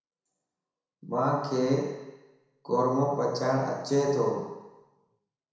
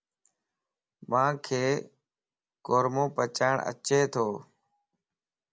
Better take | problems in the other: second | room echo; dies away in 1 s

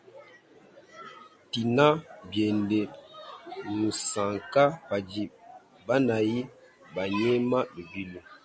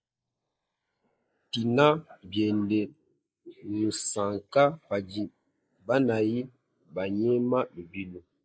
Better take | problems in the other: first | noise reduction (neural mask model Resemble Enhance denoiser)

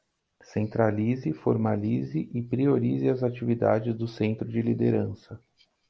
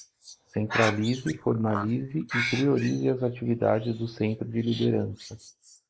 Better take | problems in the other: first | noise reduction (neural mask model Resemble Enhance denoiser)

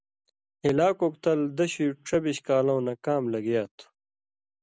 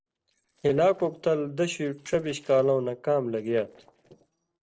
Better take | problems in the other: first | noise reduction (neural separator model SepFormer DNS4)

